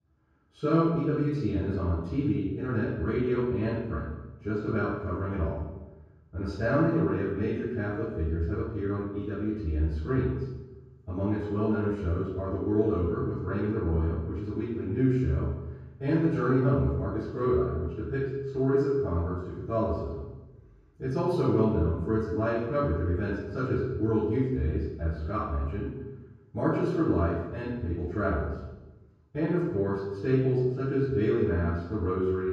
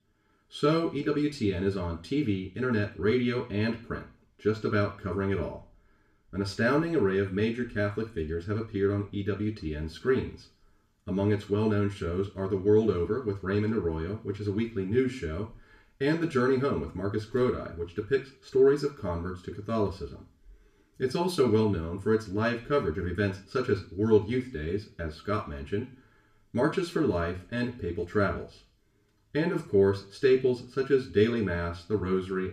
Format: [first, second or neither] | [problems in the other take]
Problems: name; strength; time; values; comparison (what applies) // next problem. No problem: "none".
second | room echo; strong; dies away in 1.3 s; slight in the second // off-mic speech; far; far in the second